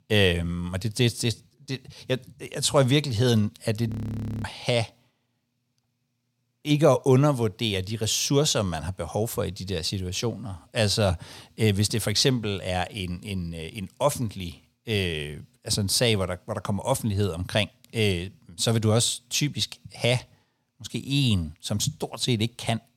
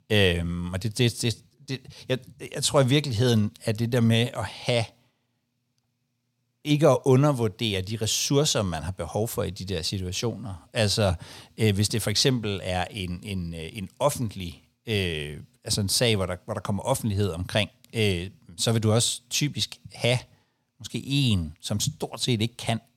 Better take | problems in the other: second | audio freezing; at 4 s for 0.5 s

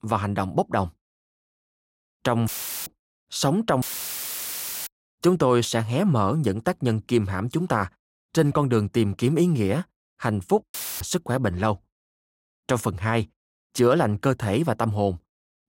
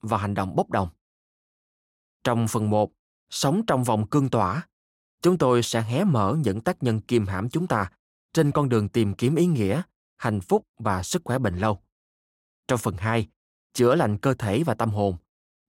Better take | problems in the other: second | audio cutting out; filled with static; at 2.5 s, at 4 s for 1 s and at 11 s

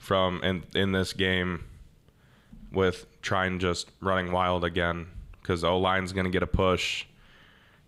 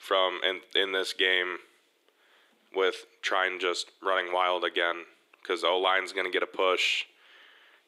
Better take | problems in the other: first | thin; very; fading below 350 Hz

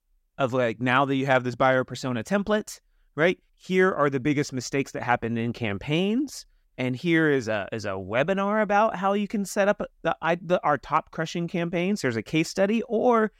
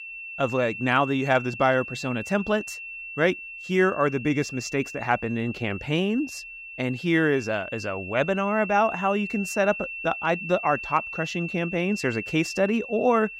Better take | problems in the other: first | high-pitched whine; loud; throughout; 2.5 kHz, 10 dB below the speech

